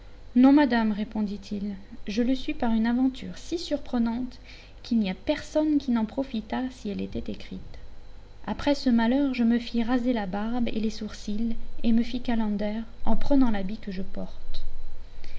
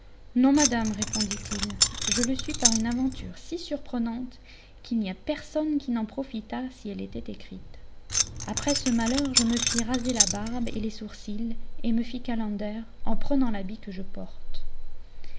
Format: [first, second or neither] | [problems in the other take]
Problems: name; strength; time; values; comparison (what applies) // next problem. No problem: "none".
first | background sound (Keys jangling); 1 dB below the speech